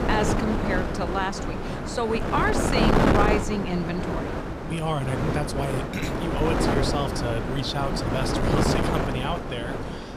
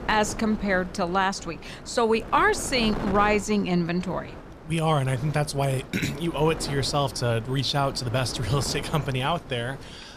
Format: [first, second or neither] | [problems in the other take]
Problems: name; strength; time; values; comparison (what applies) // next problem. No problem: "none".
second | wind noise on the microphone; heavy; 1 dB above the speech; occasional gusts in the second